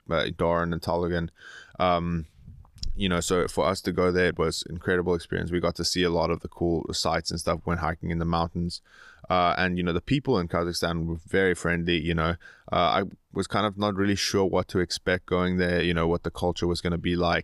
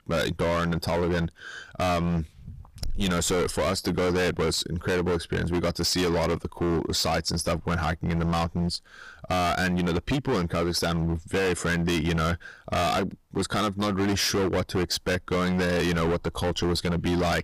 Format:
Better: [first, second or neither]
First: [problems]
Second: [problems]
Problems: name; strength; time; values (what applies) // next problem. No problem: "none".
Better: first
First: none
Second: distortion; heavy; 25% of the sound clipped